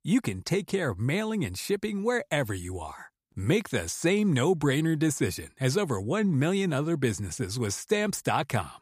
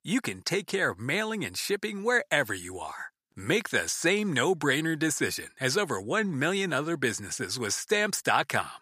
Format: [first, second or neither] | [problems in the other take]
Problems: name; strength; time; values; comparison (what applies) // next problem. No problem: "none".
first | thin; somewhat; fading below 800 Hz